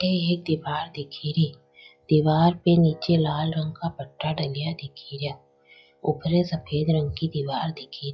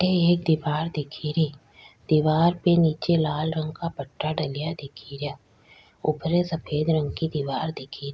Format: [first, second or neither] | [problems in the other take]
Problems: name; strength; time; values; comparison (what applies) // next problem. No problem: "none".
second | noise reduction (classical method log-MMSE)